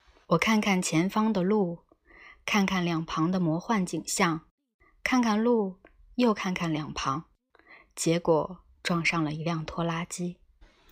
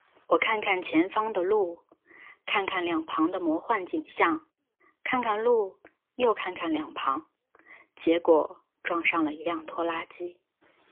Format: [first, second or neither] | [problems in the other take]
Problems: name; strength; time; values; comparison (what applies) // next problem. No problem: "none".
first | phone-call audio; poor line; nothing above 3.5 kHz